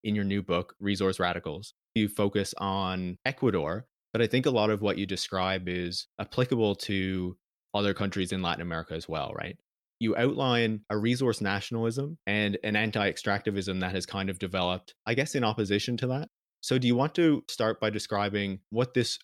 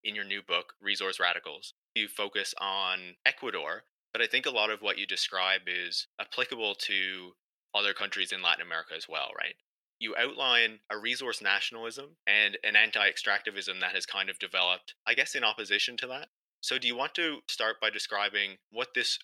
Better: first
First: none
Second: thin; very; fading below 600 Hz

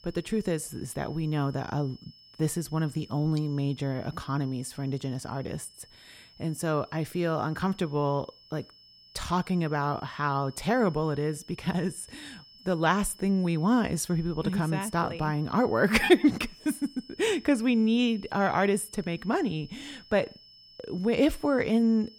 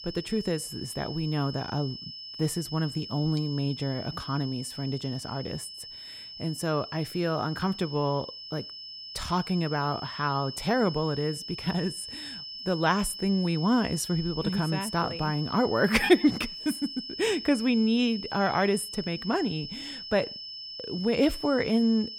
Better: first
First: high-pitched whine; faint; throughout; 5.5 kHz, 25 dB below the speech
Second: high-pitched whine; loud; throughout; 5.5 kHz, 9 dB below the speech

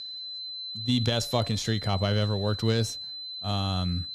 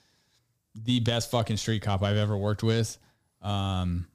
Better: second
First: high-pitched whine; loud; throughout; 4 kHz, 7 dB below the speech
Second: none

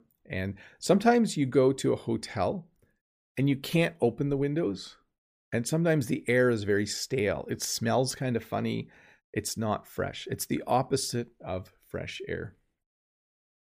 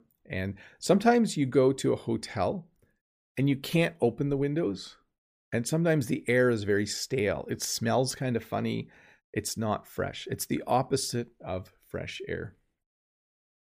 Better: neither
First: none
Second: none

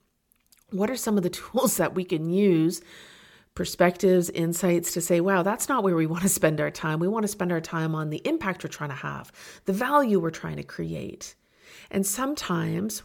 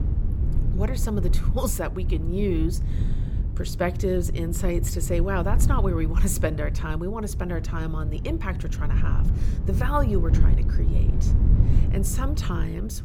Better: first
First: none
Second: wind noise on the microphone; heavy; 9 dB below the speech

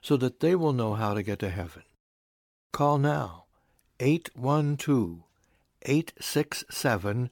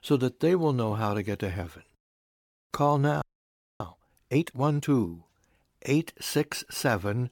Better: first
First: none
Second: audio freezing; at 3 s for 0.5 s

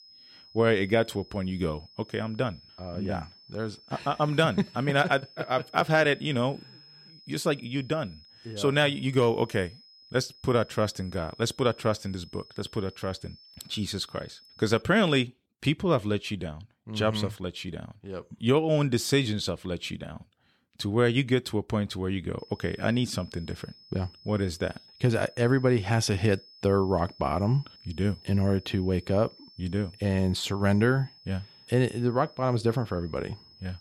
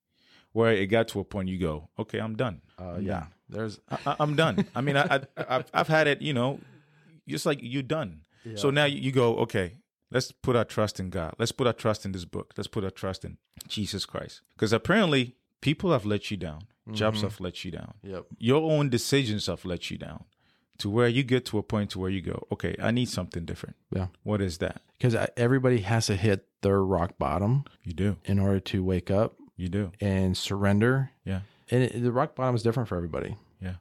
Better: second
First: high-pitched whine; faint; until 15 s and from 22 s on; 5 kHz, 25 dB below the speech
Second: none

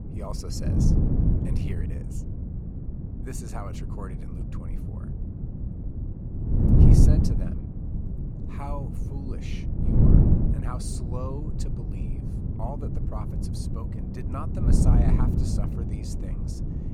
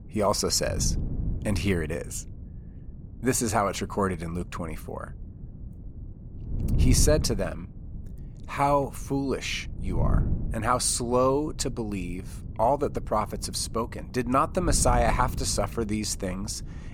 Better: second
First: wind noise on the microphone; heavy; 4 dB above the speech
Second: wind noise on the microphone; occasional gusts; 20 dB below the speech

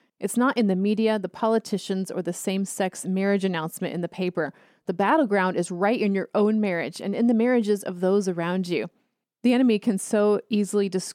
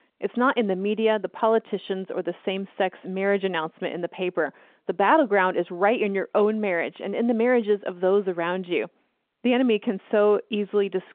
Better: first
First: none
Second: phone-call audio

